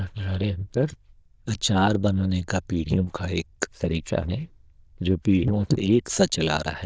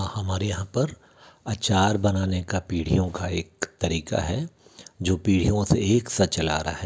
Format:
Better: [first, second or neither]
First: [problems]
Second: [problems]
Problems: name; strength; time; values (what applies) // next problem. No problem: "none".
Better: second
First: noise reduction (neural diffusion model UNIVERSE++)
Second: none